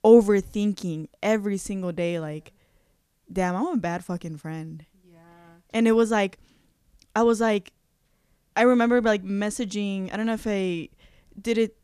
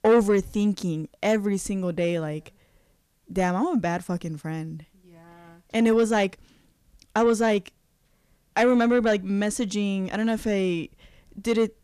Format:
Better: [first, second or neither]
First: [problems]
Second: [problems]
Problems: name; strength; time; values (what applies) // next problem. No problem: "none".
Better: first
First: none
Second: distortion; slight; 10 dB below the speech